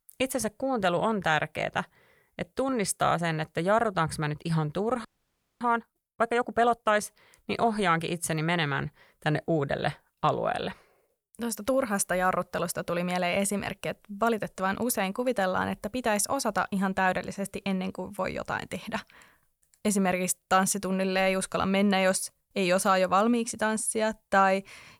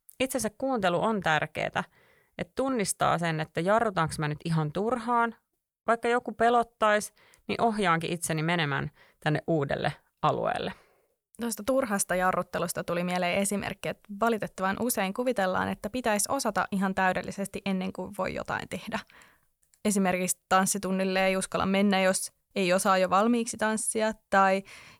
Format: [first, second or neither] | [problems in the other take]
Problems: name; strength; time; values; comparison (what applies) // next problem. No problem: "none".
second | audio freezing; at 5 s for 0.5 s